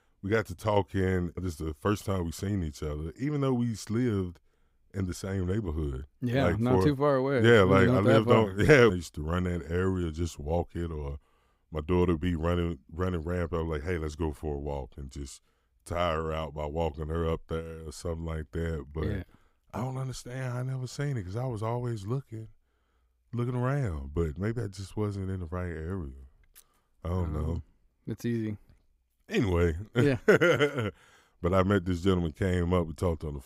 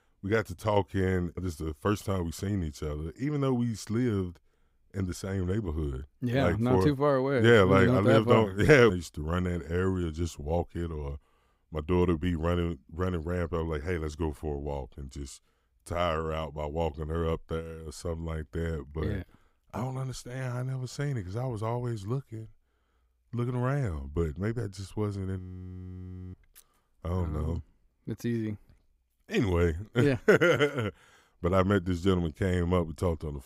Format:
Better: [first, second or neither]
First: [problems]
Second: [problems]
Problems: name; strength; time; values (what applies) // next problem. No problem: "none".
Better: first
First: none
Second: audio freezing; at 25 s for 1 s